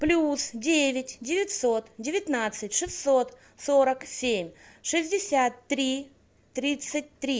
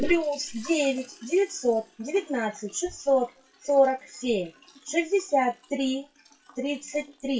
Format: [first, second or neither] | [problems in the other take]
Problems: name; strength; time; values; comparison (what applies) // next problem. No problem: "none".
first | noise reduction (classical method WPE with log-MMSE)